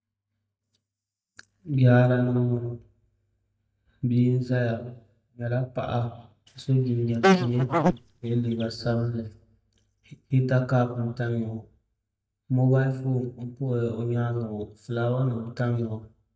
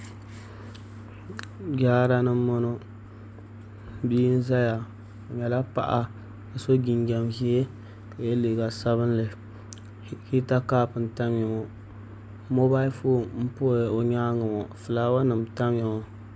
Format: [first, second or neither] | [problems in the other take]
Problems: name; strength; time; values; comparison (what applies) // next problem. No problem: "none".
second | noise reduction (neural mask model DeepFilterNet 3)